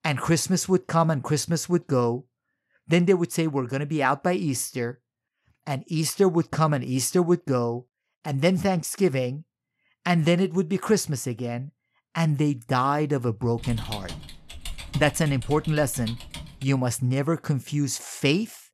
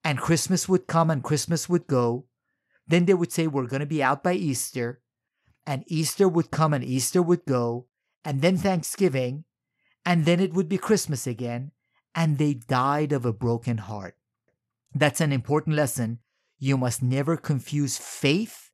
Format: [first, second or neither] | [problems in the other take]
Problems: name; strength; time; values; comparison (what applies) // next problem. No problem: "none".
second | keyboard typing; faint; from 14 to 17 s; peak 10 dB below the speech